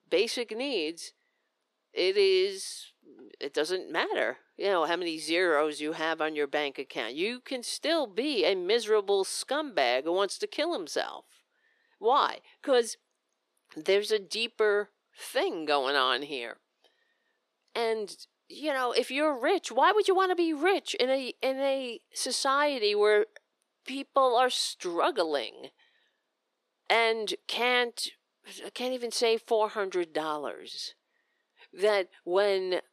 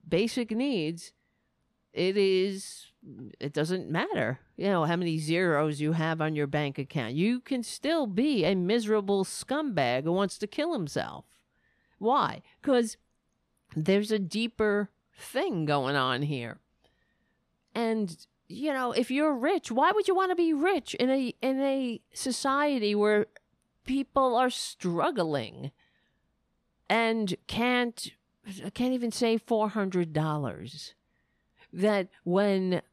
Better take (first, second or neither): second